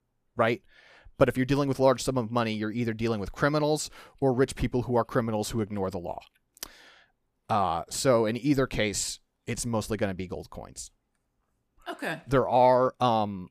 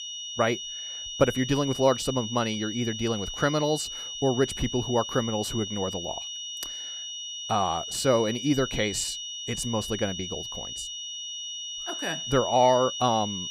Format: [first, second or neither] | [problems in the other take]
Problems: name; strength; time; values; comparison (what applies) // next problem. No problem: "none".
first | high-pitched whine; loud; throughout; 3 kHz, 6 dB below the speech